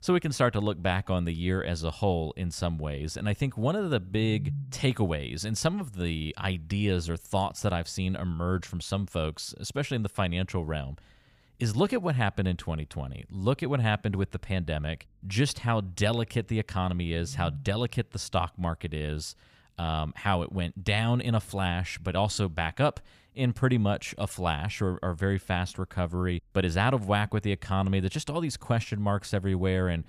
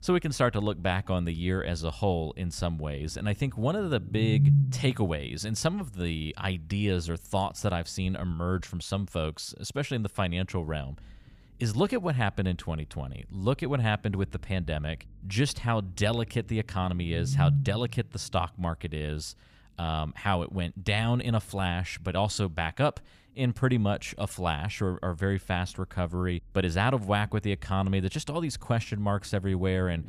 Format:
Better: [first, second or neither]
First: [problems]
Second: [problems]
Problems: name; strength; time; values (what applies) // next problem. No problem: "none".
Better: first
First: low rumble; faint; throughout; 20 dB below the speech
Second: low rumble; loud; throughout; 7 dB below the speech